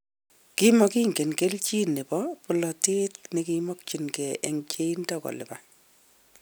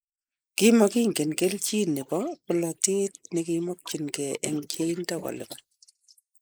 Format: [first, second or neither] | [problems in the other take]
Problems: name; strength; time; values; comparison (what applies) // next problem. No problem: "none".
first | noise reduction (neural mask model Resemble Enhance denoiser)